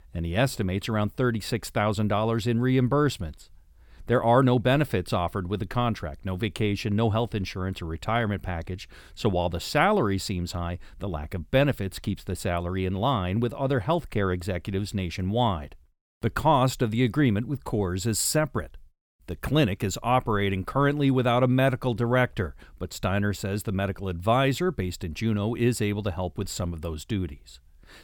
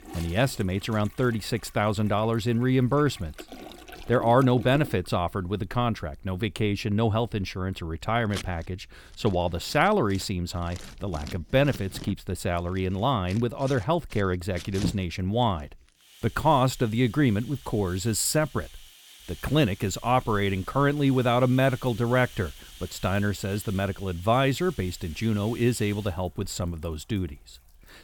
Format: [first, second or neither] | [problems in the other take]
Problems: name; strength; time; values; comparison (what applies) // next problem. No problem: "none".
first | household noises; noticeable; throughout; 20 dB below the speech